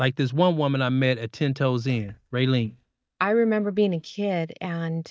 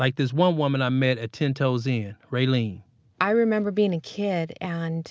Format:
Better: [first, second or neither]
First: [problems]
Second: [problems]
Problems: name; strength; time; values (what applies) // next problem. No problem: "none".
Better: second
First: noise reduction (neural mask model DeepFilterNet 3)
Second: none